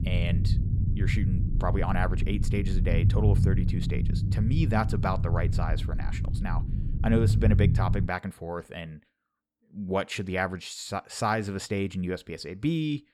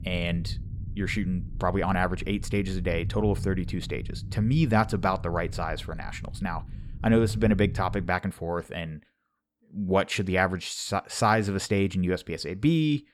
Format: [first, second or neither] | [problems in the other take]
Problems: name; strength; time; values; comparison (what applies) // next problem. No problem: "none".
second | low rumble; loud; until 8 s; 8 dB below the speech; faint in the second